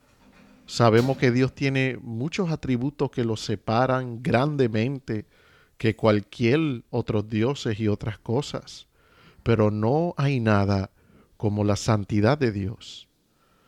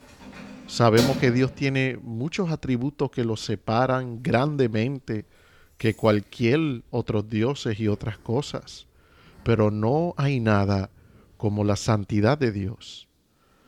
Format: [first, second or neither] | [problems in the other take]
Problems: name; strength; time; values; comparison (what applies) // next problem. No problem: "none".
first | household noises; loud; throughout; 9 dB below the speech; faint in the first